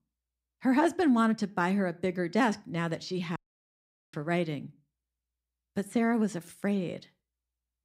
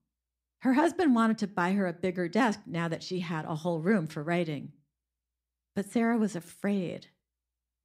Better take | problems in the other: second | audio cutting out; at 3.5 s for 1 s

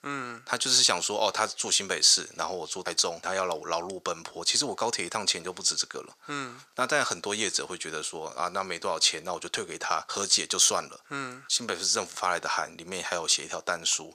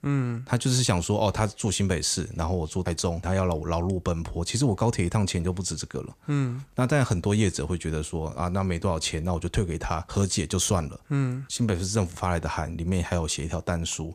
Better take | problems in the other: second | thin; very; fading below 500 Hz

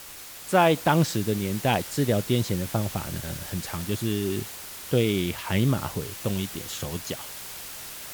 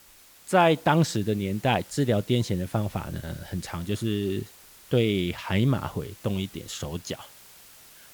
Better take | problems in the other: second | hiss; loud; throughout; 10 dB below the speech; faint in the second

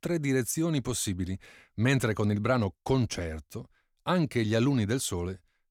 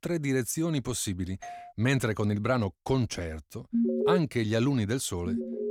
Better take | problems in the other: first | doorbell; faint; at 1.5 s; peak 15 dB below the speech // alarm; loud; at 3.5 s; peak 3 dB above the speech // alarm; noticeable; at 5.5 s; peak 3 dB below the speech

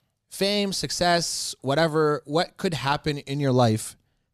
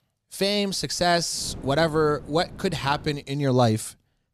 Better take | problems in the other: first | wind noise on the microphone; occasional gusts; from 1.5 to 3 s; 25 dB below the speech

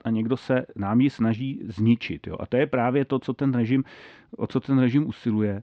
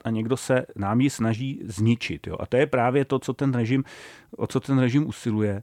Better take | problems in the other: second | muffled; slightly; fading above 4.5 kHz

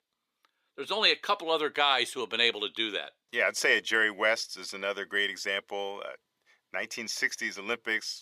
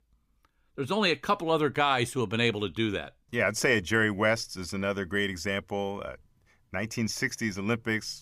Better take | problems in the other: second | thin; very; fading below 500 Hz

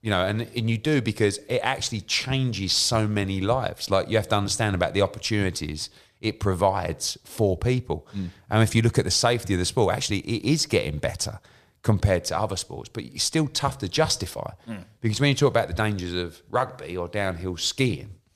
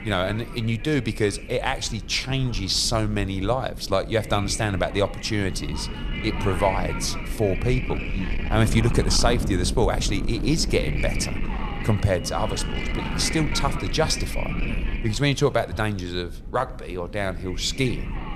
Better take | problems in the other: first | wind noise on the microphone; heavy; 8 dB below the speech

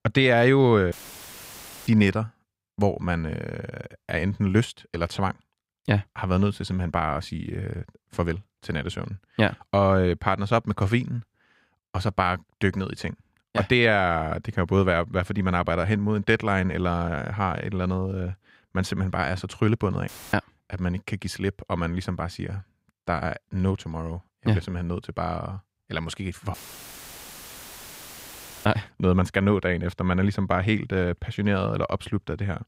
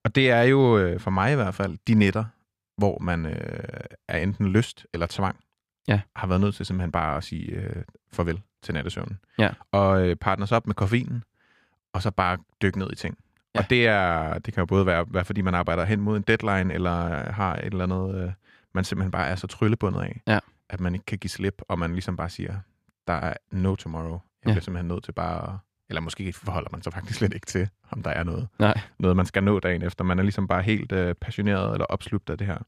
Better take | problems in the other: second | audio cutting out; filled with static; at 1 s for 1 s, at 20 s and at 27 s for 2 s

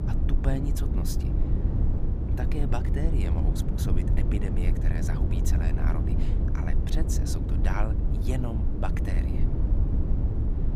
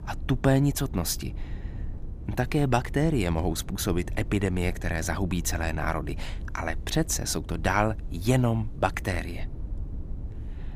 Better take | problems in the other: second | low rumble; loud; throughout; 1 dB below the speech; faint in the second

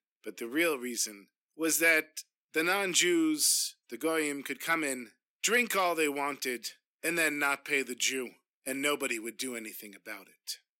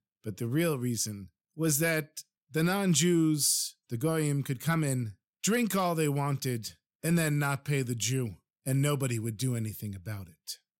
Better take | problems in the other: second | thin; very; fading below 300 Hz

